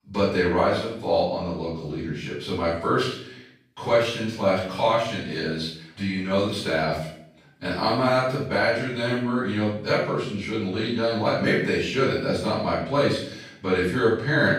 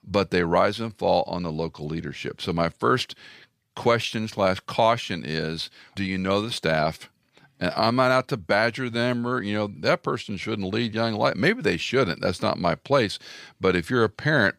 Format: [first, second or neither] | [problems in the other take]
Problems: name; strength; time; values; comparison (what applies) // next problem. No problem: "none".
second | room echo; noticeable; dies away in 0.5 s // off-mic speech; far